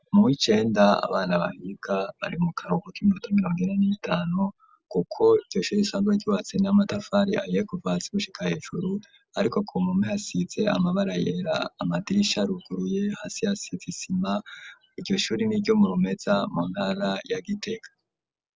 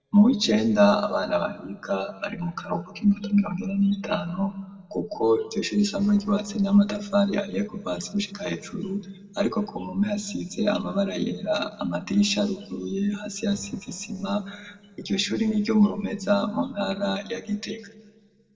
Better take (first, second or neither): first